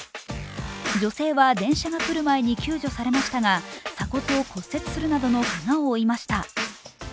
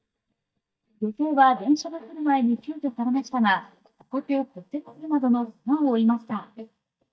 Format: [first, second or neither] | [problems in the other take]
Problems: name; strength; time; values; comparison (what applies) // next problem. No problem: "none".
first | noise reduction (neural mask model DeepFilterNet 3)